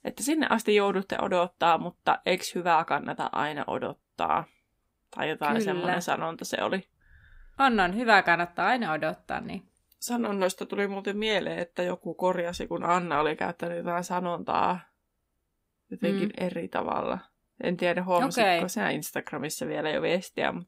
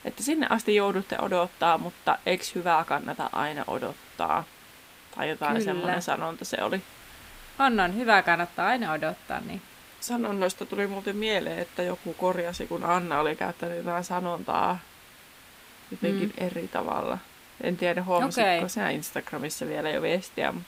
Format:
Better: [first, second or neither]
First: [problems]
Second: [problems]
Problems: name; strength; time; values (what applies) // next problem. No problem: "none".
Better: first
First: none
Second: hiss; faint; throughout; 20 dB below the speech